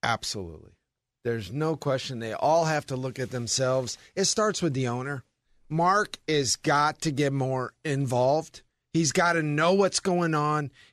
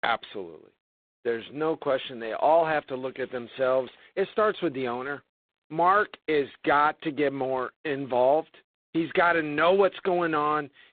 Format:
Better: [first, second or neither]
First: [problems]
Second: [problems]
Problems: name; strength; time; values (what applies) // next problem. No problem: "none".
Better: first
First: none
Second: phone-call audio; poor line; nothing above 4 kHz